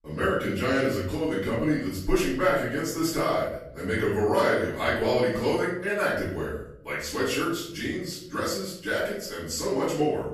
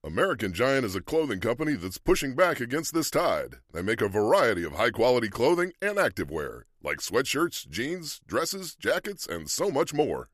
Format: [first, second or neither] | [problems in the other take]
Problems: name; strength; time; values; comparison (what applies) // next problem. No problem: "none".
second | off-mic speech; far // room echo; noticeable; dies away in 0.7 s